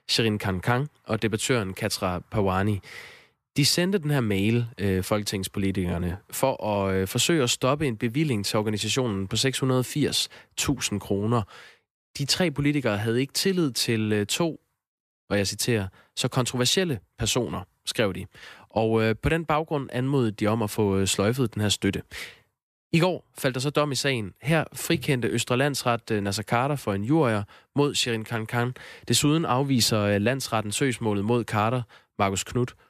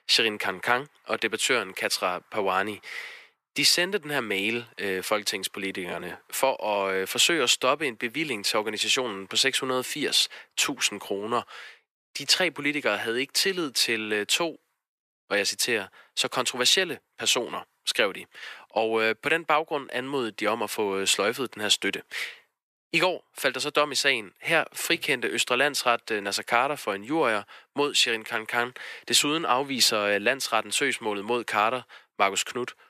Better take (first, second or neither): first